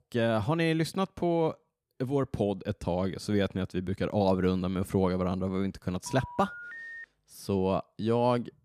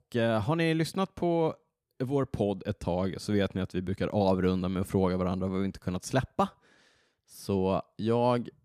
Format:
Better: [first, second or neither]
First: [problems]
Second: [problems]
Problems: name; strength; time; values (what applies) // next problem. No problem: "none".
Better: second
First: phone ringing; faint; at 6 s; peak 10 dB below the speech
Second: none